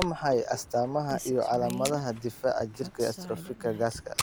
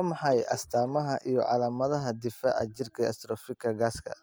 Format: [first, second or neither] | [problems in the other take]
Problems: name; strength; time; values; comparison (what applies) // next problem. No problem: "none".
second | background sound (Rain + Packing tape, duct tape); 10 dB below the speech